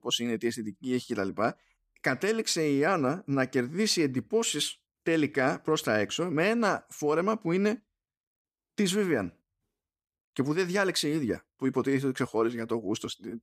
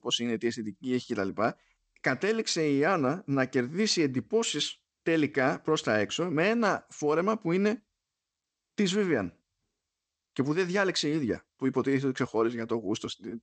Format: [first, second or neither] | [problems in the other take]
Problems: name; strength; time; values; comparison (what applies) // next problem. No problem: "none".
first | garbled, watery; slightly; nothing above 8 kHz